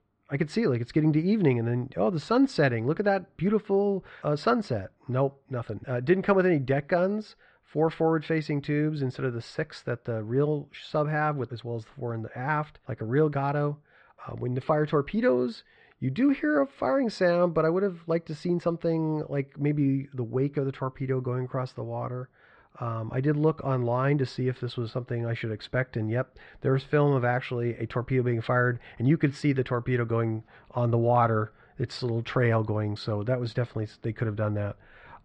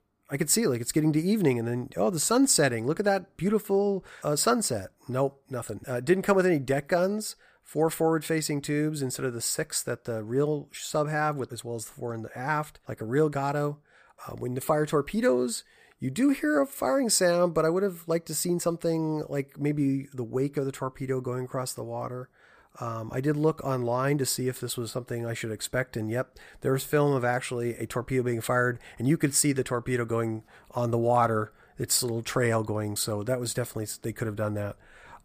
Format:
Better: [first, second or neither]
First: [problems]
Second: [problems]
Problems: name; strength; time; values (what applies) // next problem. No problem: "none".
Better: second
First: muffled; slightly; fading above 3.5 kHz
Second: none